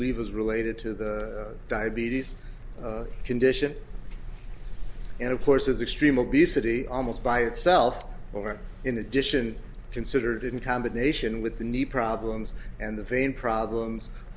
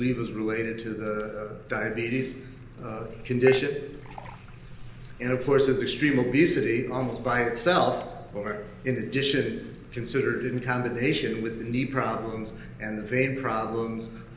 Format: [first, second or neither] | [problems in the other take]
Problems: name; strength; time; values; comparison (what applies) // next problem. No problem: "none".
first | background sound (Dishes, pots, and pans / Chink, clink); 15 dB below the speech // room echo; dies away in 0.9 s